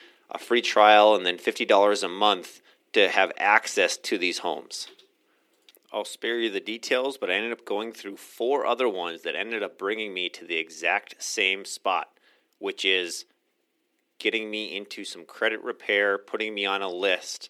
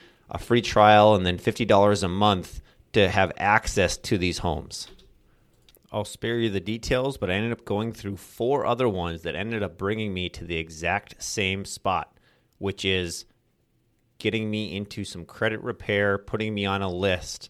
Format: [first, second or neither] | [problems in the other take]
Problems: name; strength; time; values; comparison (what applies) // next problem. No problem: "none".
second | thin; somewhat; fading below 300 Hz